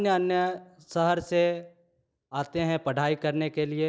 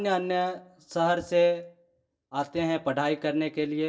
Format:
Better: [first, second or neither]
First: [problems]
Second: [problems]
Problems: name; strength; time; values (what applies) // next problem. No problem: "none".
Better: first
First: none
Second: room echo; dies away in 0.1 s